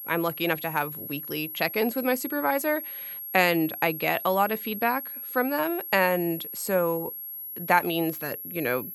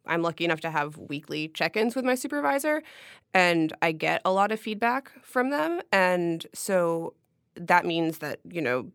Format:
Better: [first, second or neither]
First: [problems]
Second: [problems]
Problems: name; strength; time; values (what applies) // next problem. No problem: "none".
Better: second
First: high-pitched whine; loud; throughout; 11.5 kHz, 8 dB below the speech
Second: none